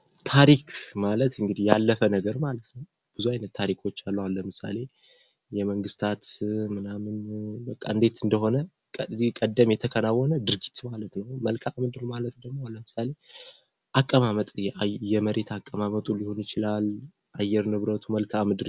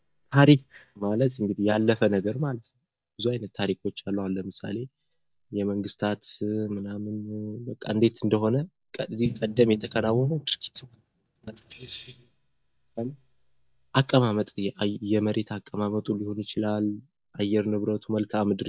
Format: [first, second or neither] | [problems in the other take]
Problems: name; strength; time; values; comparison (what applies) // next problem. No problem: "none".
first | noise reduction (neural mask model DeepFilterNet 3)